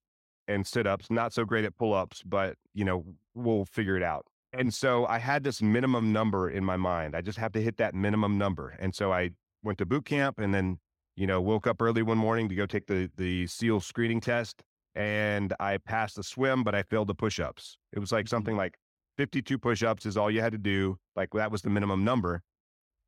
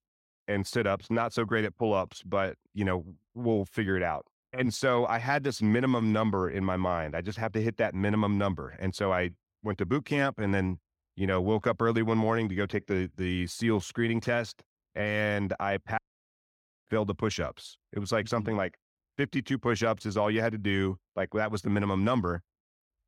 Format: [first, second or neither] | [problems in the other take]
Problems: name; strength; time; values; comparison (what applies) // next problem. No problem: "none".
first | audio cutting out; at 16 s for 1 s